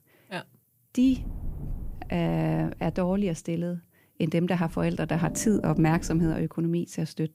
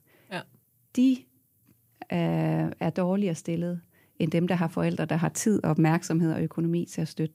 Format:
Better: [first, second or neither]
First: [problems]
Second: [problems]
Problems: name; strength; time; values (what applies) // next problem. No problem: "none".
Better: second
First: low rumble; noticeable; from 1 to 3.5 s and from 4.5 to 6.5 s; 15 dB below the speech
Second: none